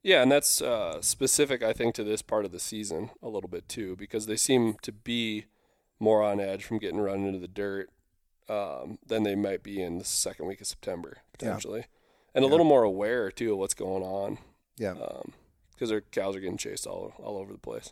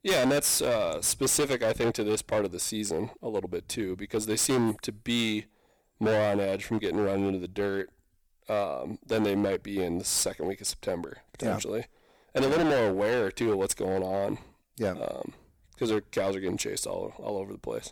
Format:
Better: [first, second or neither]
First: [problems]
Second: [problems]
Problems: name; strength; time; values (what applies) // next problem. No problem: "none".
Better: first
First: none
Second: distortion; heavy; 11% of the sound clipped